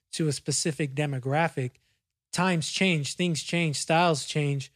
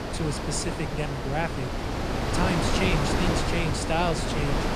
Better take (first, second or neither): first